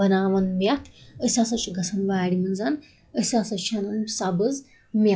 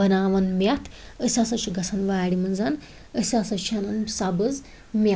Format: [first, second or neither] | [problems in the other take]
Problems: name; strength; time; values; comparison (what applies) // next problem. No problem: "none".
second | noise reduction (classical method log-MMSE)